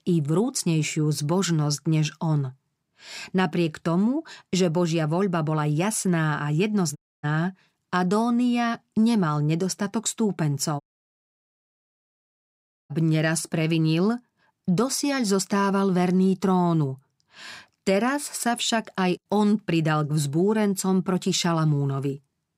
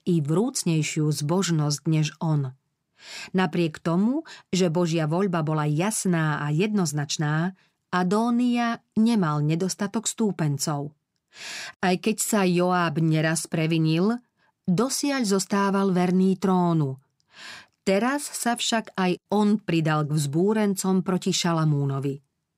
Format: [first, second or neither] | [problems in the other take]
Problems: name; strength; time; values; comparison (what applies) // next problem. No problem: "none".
second | audio cutting out; at 7 s and at 11 s for 2 s